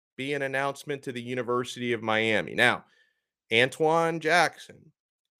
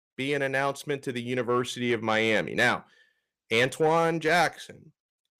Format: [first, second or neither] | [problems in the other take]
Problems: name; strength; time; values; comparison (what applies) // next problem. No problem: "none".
first | distortion; slight; 10 dB below the speech